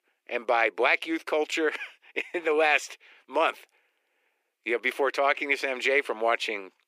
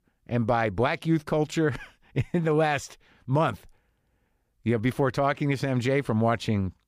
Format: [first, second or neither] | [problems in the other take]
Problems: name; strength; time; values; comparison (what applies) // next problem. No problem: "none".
second | thin; very; fading below 350 Hz